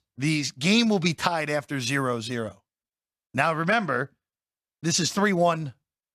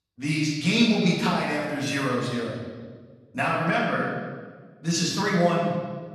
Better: first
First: none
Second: room echo; noticeable; dies away in 1.3 s // off-mic speech; far

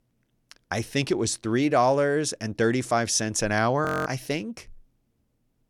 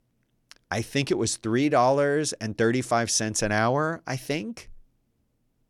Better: second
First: audio freezing; at 4 s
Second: none

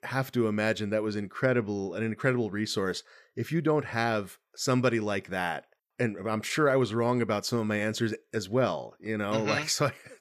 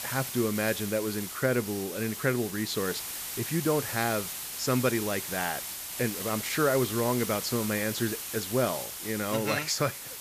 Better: first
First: none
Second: hiss; loud; throughout; 5 dB below the speech

